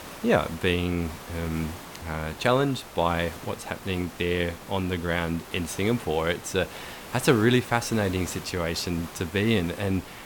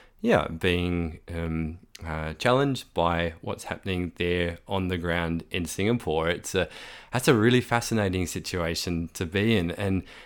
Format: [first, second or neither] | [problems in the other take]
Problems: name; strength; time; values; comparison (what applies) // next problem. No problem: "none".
second | hiss; noticeable; throughout; 15 dB below the speech